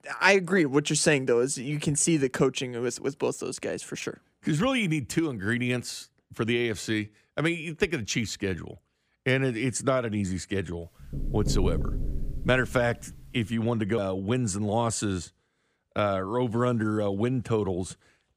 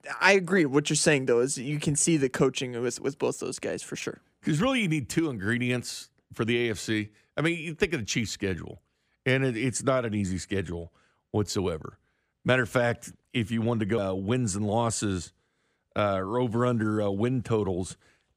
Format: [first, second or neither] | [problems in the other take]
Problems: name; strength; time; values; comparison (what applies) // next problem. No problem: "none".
second | door banging; noticeable; from 11 to 13 s; peak 2 dB below the speech